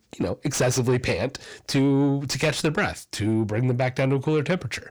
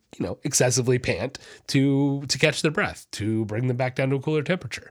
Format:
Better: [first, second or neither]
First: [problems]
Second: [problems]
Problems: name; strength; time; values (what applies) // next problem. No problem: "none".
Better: second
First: distortion; slight; 10 dB below the speech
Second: none